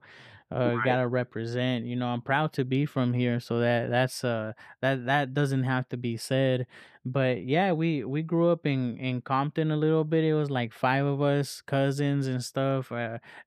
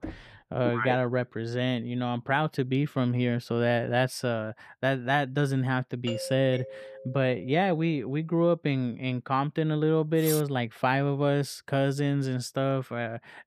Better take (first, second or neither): first